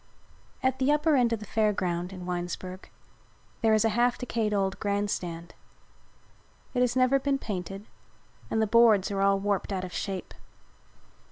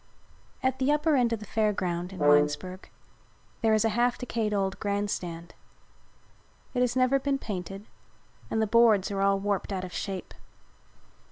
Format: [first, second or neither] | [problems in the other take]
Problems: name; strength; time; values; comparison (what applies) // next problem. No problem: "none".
first | background sound (Brass instrument); 1 dB below the speech